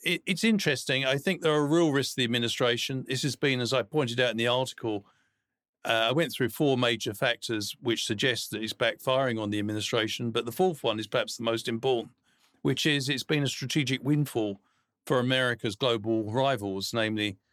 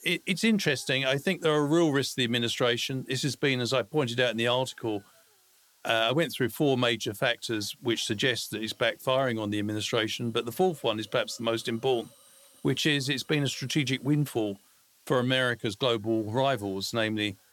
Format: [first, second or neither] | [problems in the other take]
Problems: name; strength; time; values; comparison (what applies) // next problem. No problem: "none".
first | hiss; faint; throughout; 30 dB below the speech